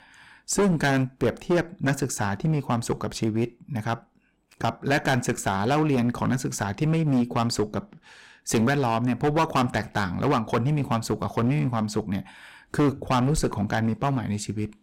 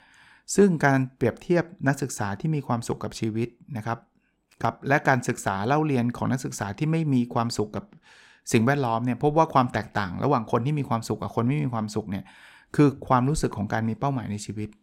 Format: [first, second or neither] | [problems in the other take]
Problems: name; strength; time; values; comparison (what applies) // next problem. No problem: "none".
second | distortion; heavy; 10% of the sound clipped